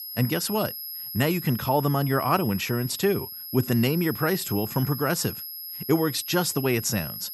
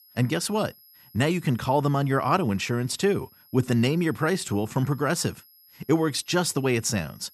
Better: second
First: high-pitched whine; loud; throughout; 11.5 kHz, 8 dB below the speech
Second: high-pitched whine; faint; throughout; 11.5 kHz, 25 dB below the speech

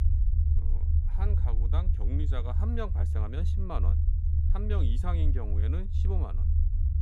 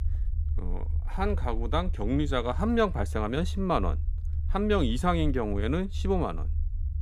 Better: second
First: low rumble; loud; throughout; 4 dB below the speech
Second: low rumble; faint; throughout; 20 dB below the speech

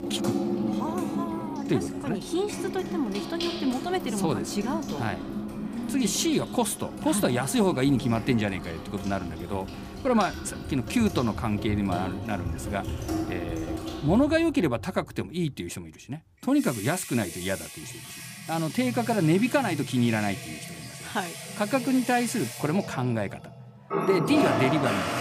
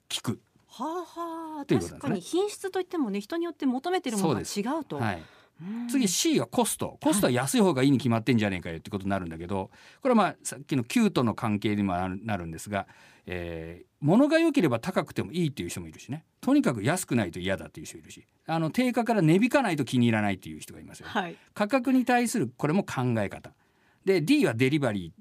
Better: second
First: household noises; loud; throughout; 6 dB below the speech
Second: none

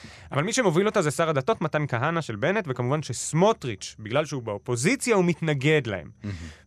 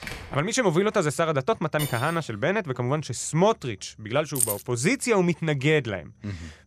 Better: first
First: none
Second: door banging; faint; at the start; peak 10 dB below the speech // clattering dishes; noticeable; at 2 s; peak 9 dB below the speech // jangling keys; noticeable; at 4.5 s; peak level with the speech

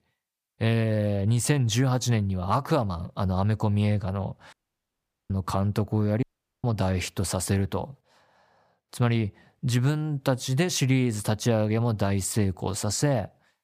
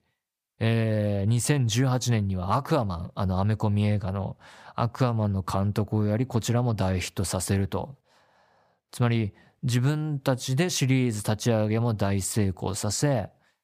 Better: second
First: audio cutting out; at 4.5 s for 1 s and at 6 s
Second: none

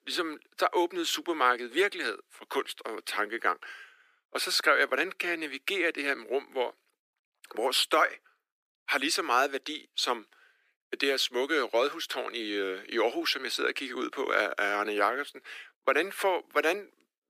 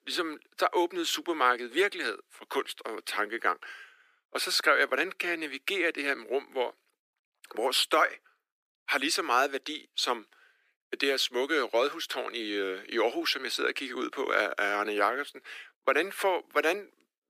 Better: neither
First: thin; very; fading below 300 Hz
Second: thin; very; fading below 300 Hz

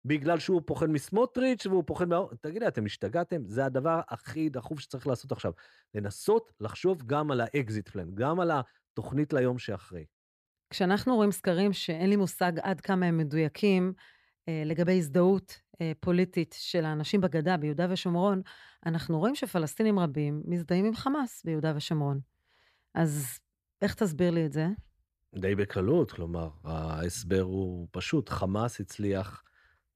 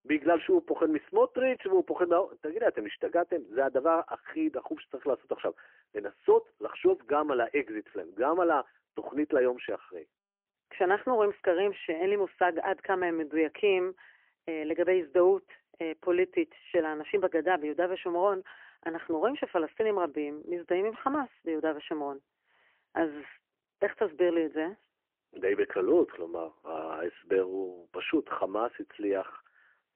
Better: first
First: none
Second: phone-call audio; poor line; nothing above 3 kHz

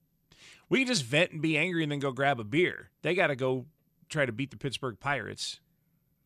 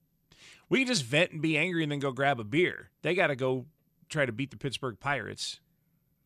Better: neither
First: none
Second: none

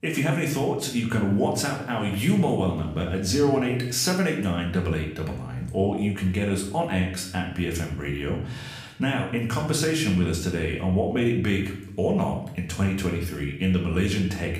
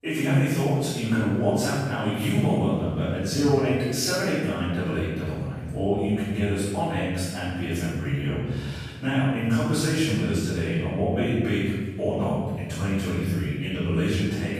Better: first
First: room echo; slight; dies away in 0.6 s // off-mic speech; somewhat distant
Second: room echo; strong; dies away in 1.5 s // off-mic speech; far

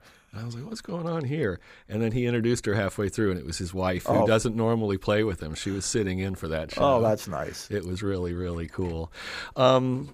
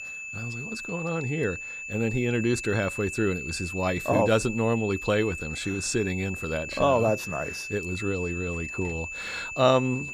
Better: first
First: none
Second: high-pitched whine; loud; throughout; 2.5 kHz, 7 dB below the speech

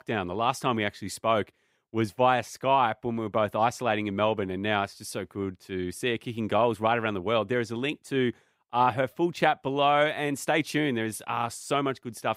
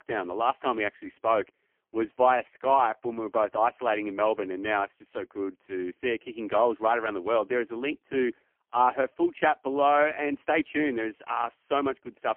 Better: first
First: none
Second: phone-call audio; poor line; nothing above 3 kHz

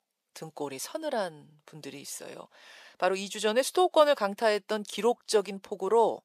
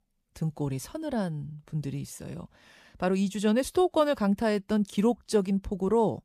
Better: second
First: thin; very; fading below 550 Hz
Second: none

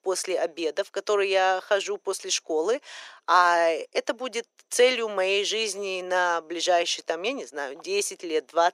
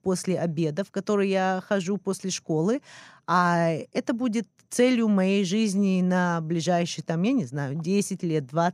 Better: second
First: thin; very; fading below 400 Hz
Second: none

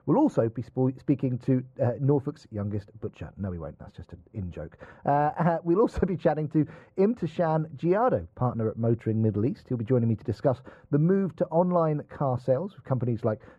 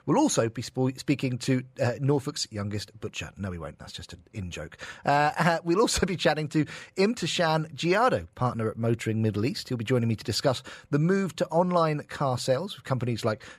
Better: second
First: muffled; very; fading above 2 kHz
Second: none

